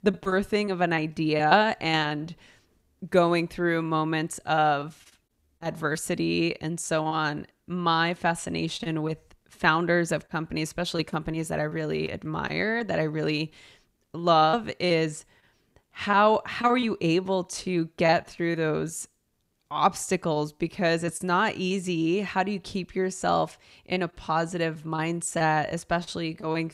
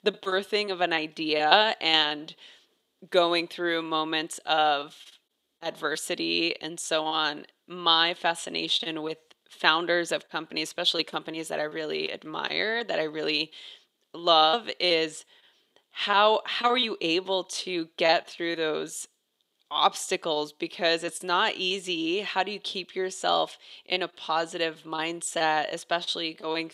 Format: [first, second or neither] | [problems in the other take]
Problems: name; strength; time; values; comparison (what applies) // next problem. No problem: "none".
first | thin; somewhat; fading below 400 Hz